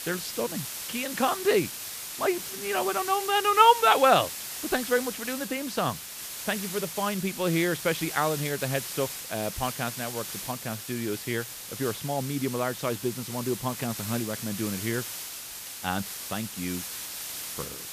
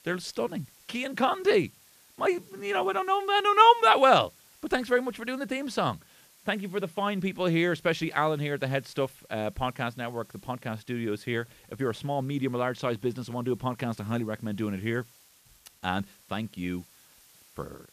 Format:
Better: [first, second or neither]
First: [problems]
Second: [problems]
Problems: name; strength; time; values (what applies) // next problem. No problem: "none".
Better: second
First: hiss; loud; throughout; 7 dB below the speech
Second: hiss; faint; throughout; 25 dB below the speech